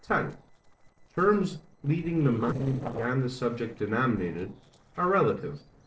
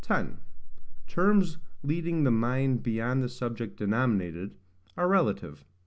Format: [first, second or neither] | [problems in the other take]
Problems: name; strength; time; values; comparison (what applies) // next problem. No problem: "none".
second | noise reduction (neural separator model SepFormer DNS4)